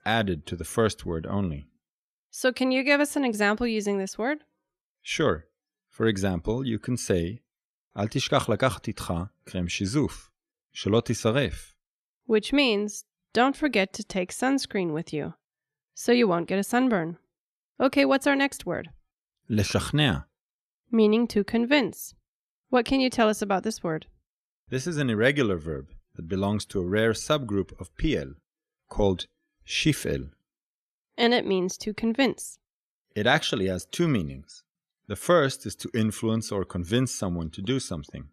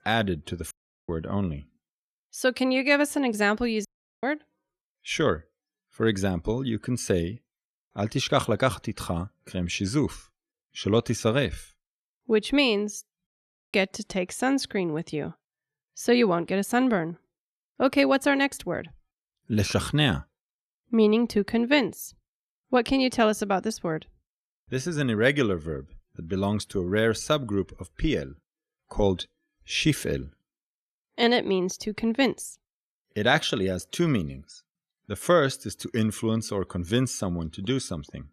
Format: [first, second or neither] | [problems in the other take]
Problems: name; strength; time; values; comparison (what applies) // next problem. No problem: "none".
first | audio cutting out; at 0.5 s, at 4 s and at 13 s